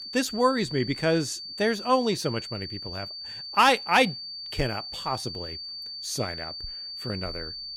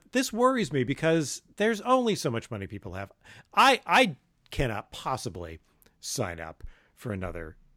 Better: second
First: high-pitched whine; loud; throughout; 4.5 kHz, 9 dB below the speech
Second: none

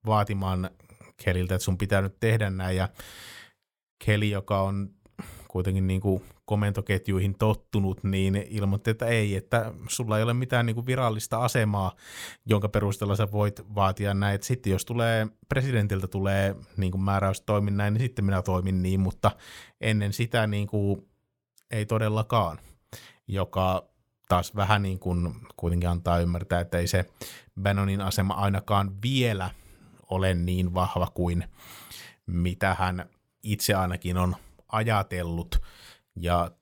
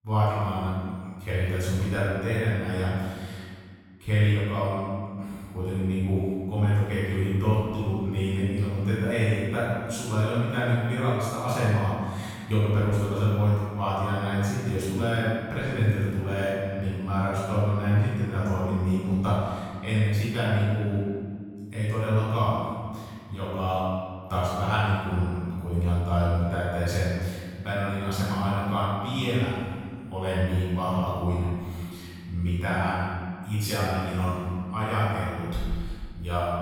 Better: first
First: none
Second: off-mic speech; far // room echo; strong; dies away in 1.9 s

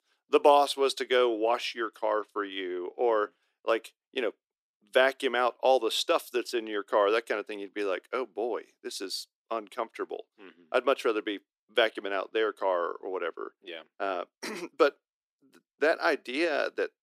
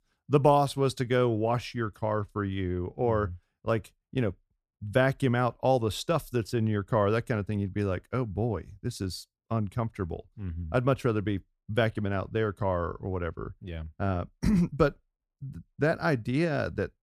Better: second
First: thin; very; fading below 350 Hz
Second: none

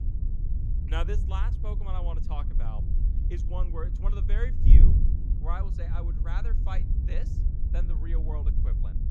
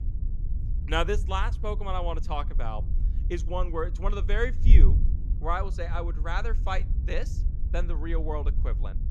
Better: second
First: wind noise on the microphone; heavy; 4 dB below the speech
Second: wind noise on the microphone; occasional gusts; 15 dB below the speech

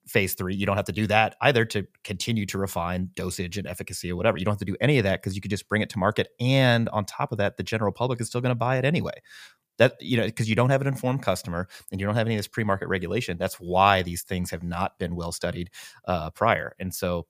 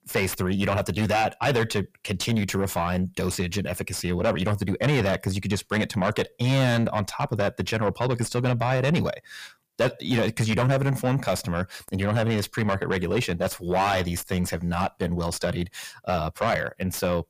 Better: first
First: none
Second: distortion; heavy; 6 dB below the speech

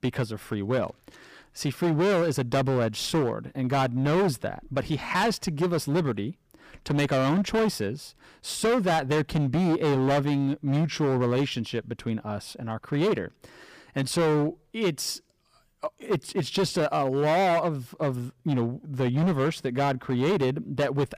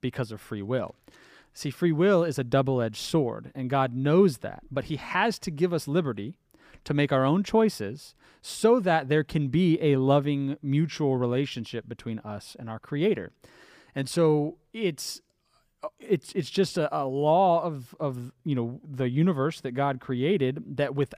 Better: second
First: distortion; heavy; 15% of the sound clipped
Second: none

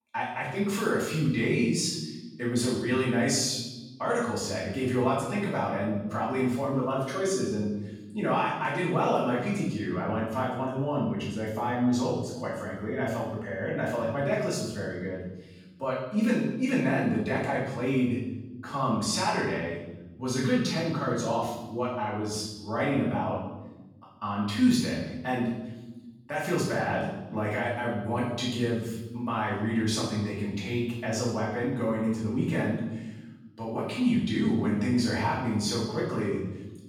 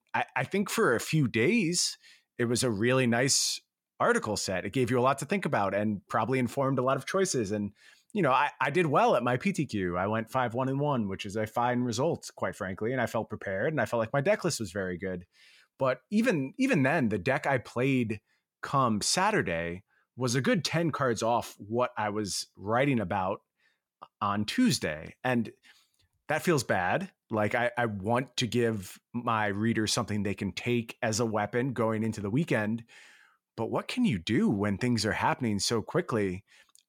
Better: second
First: off-mic speech; far // room echo; noticeable; dies away in 1 s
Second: none

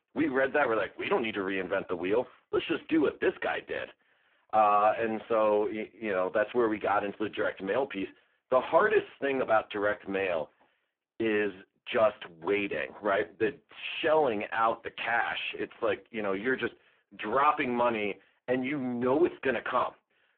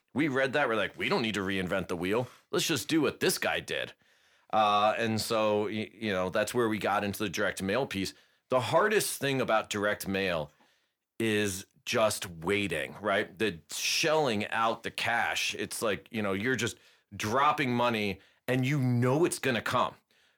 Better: second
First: phone-call audio; poor line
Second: none

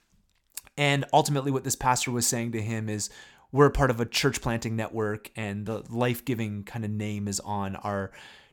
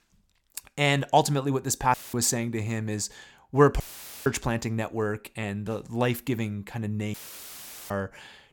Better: first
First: none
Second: audio cutting out; filled with static; at 2 s, at 4 s and at 7 s for 1 s

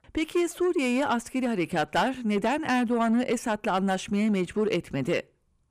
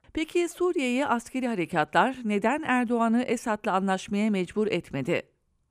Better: second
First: distortion; slight; 10 dB below the speech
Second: none

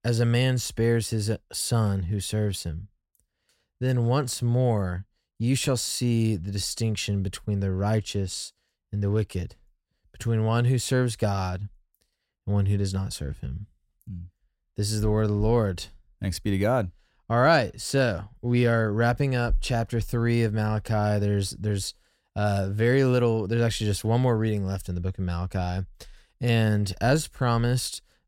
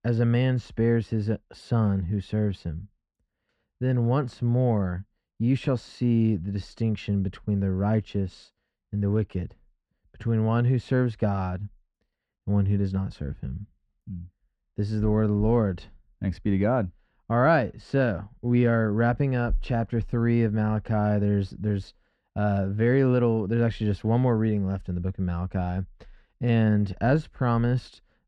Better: first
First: none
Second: muffled; very; fading above 2 kHz

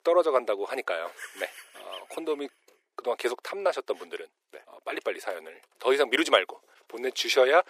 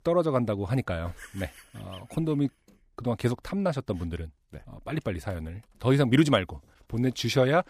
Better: second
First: thin; very; fading below 400 Hz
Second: none

